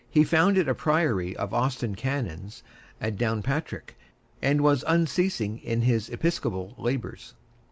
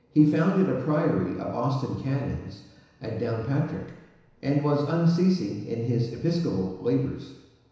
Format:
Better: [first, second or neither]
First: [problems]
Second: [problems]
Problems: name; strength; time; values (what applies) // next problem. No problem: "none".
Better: first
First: none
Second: room echo; dies away in 1 s